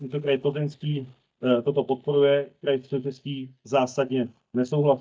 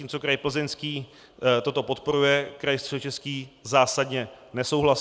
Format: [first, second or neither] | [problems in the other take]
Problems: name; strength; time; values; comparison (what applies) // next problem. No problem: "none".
second | noise reduction (neural mask model DeepFilterNet 3)